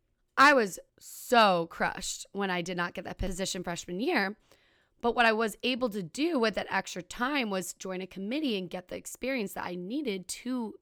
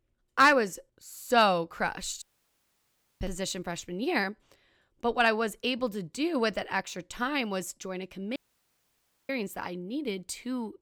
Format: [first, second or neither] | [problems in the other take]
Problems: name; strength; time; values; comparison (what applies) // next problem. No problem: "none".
first | audio cutting out; at 2 s for 1 s and at 8.5 s for 1 s